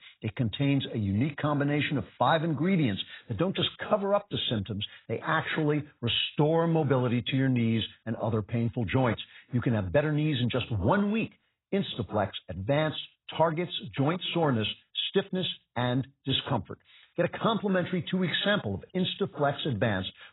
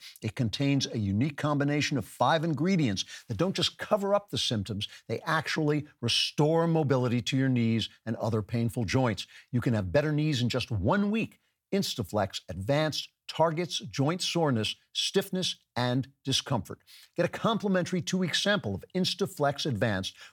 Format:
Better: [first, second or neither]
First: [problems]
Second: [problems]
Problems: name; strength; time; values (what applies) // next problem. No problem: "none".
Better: second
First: garbled, watery; badly; nothing above 4 kHz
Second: none